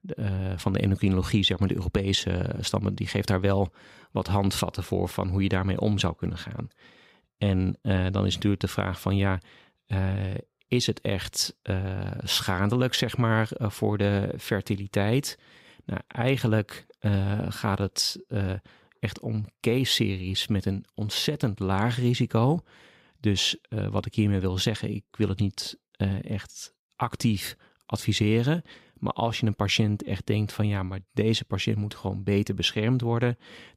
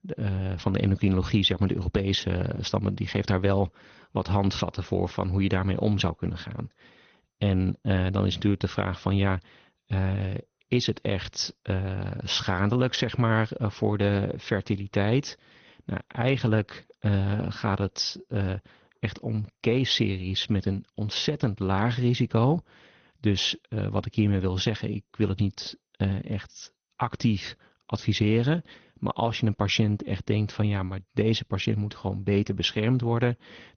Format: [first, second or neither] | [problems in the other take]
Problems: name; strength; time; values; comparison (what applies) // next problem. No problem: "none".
first | garbled, watery; slightly; nothing above 6 kHz